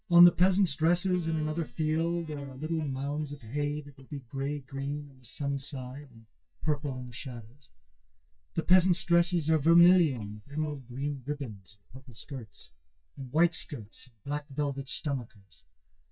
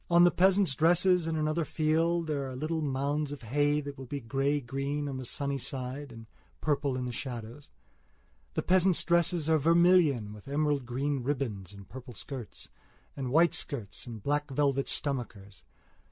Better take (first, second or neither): second